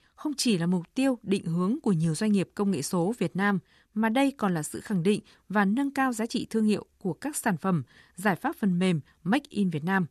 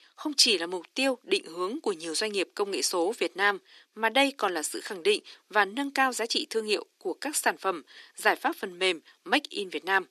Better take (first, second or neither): first